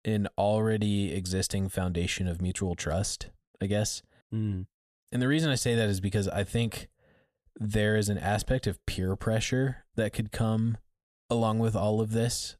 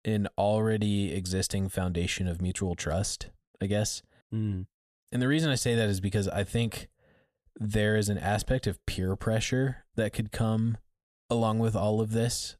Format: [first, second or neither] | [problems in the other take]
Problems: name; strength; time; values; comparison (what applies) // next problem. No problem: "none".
neither | none